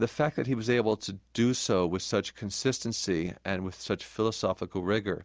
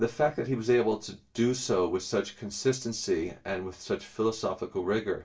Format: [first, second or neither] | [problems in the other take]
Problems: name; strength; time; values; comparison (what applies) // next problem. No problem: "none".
first | room echo; dies away in 0.2 s